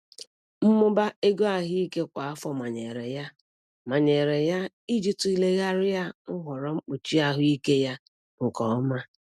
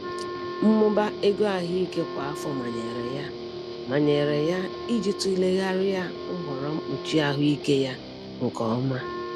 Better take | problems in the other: first | background sound (Guitar + Wind instrument, woodwind instrument); 8 dB below the speech

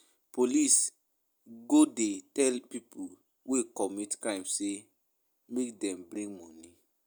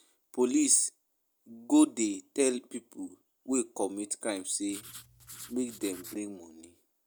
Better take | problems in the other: first | background sound (Writing); 17 dB below the speech

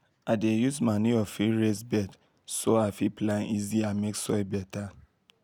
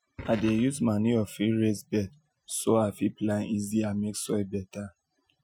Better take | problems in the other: first | noise reduction (classical method Wiener filter)

